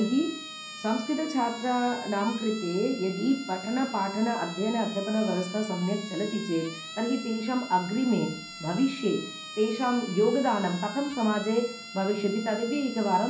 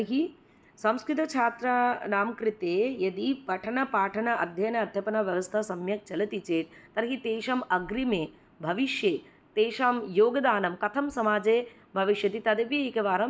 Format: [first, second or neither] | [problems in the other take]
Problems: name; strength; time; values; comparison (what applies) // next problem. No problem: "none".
second | background sound (Siren); 13 dB below the speech // room echo; dies away in 0.6 s